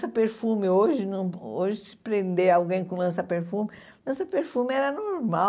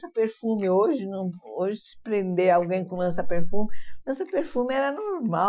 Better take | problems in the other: first | noise reduction (classical method Wiener filter)

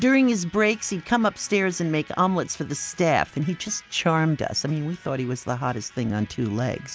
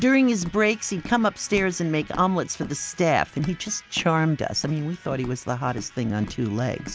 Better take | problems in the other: first | background sound (Walk, footsteps); 18 dB below the speech

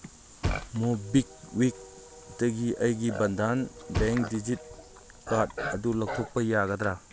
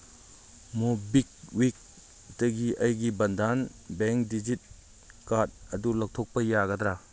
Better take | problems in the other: second | background sound (Thump, thud + Livestock, farm animals, working animals); 9 dB below the speech

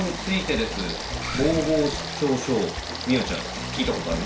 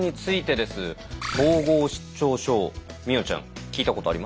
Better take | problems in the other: second | background sound (Stream / Frog); 8 dB below the speech // room echo; dies away in 0.3 s

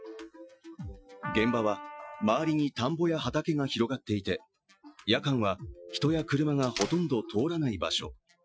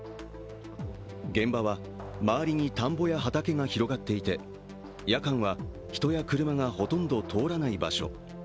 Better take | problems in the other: second | noise reduction (classical method Wiener filter)

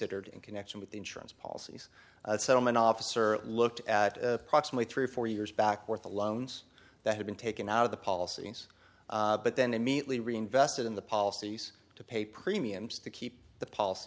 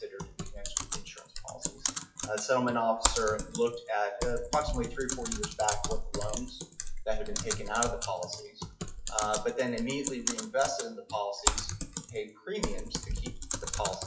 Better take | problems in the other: first | noise reduction (classical method WPE with log-MMSE)

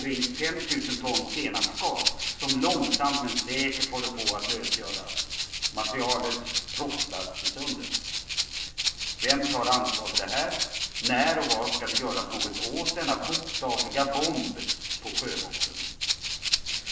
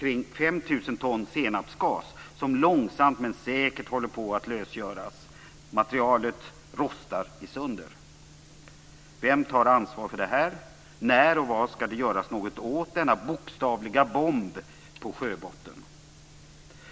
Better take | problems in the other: second | background sound (Rattle (instrument)); as loud as the speech // room echo; dies away in 0.9 s

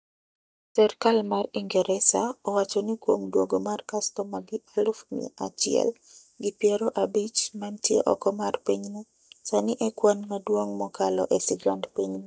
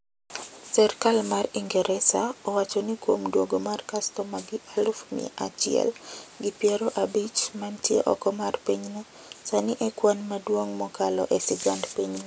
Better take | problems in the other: second | noise reduction (neural mask model DeepFilterNet 3)

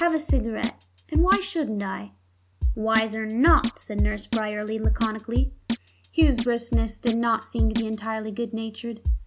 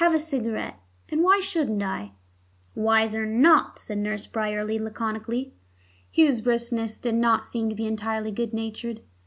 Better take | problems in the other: second | background sound (Drum kit); 1 dB below the speech

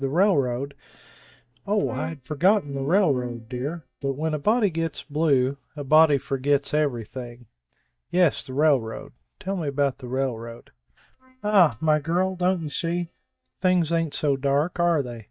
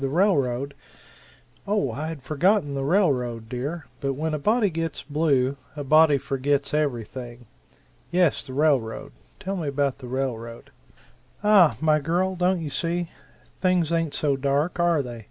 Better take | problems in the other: second | noise reduction (neural mask model DeepFilterNet 3)

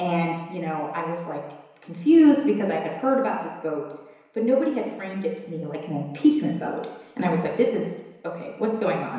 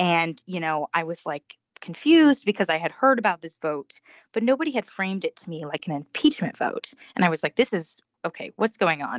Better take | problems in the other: second | room echo; dies away in 1 s

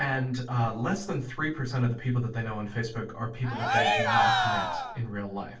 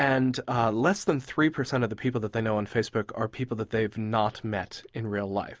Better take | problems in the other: second | background sound (Cheering); 4 dB above the speech // room echo; dies away in 0.3 s

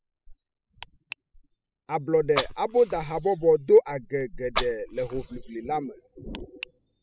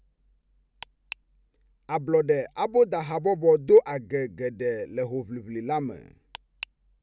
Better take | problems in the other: second | noise reduction (classical method spectral subtraction)

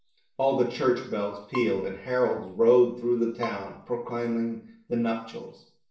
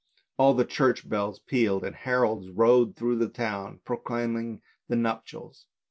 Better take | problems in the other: second | background sound (Bowed string instrument); 19 dB below the speech // room echo; dies away in 0.6 s

